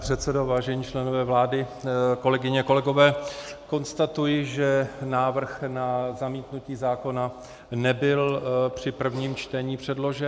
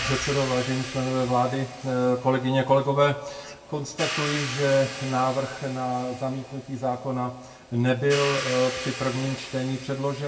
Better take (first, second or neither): first